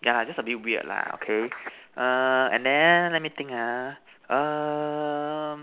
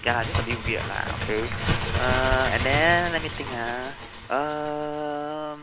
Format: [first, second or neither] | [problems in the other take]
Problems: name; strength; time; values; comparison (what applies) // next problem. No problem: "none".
first | background sound (Bird); 3 dB below the speech